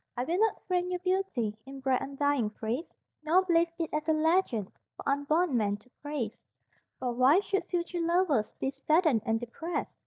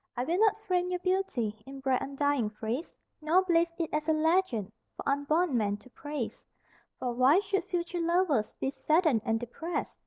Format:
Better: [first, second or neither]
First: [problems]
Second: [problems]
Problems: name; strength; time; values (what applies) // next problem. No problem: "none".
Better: second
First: noise reduction (neural mask model DeepFilterNet 3)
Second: none